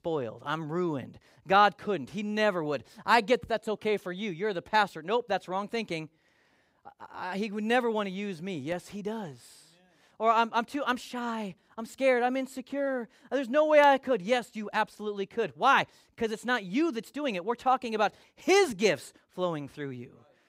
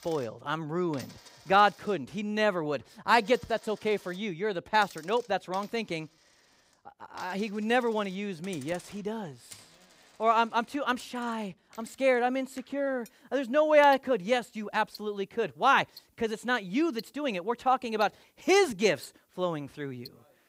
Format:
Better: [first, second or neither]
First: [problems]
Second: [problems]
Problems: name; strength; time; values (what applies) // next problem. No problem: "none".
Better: first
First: none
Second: household noises; faint; throughout; 25 dB below the speech